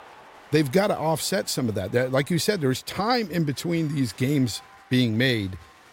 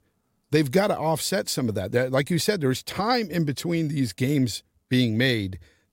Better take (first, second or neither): second